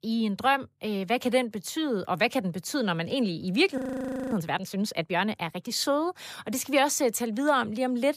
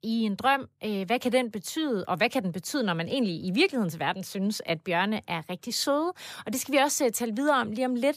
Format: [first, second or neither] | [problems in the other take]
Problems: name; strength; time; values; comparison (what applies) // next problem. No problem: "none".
second | audio freezing; at 4 s for 0.5 s